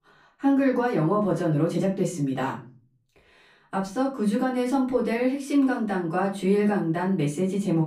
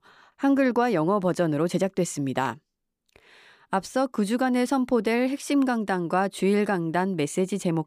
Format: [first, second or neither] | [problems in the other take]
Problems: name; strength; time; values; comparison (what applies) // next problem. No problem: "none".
second | off-mic speech; far // room echo; slight; dies away in 0.4 s